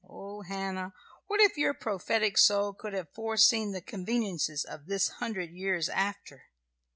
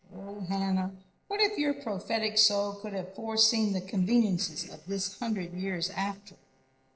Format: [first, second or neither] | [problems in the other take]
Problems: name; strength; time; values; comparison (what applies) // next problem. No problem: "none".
first | noise reduction (neural separator model SepFormer DNS4)